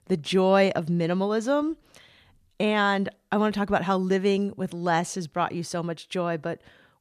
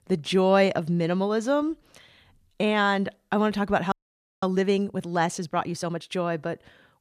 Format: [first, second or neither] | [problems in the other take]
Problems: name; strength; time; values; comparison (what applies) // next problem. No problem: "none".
first | audio freezing; at 4 s for 0.5 s